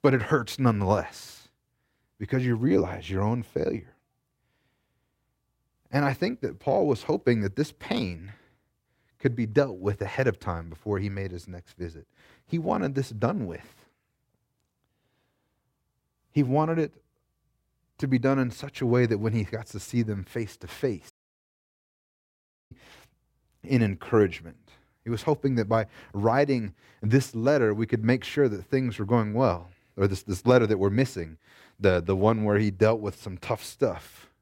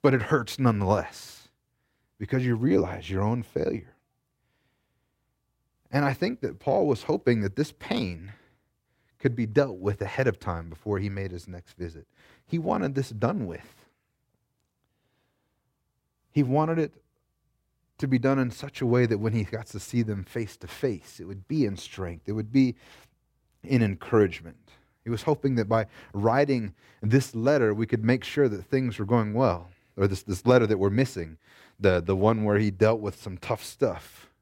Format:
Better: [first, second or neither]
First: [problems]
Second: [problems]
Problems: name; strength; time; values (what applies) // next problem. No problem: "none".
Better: second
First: audio cutting out; at 21 s for 1.5 s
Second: none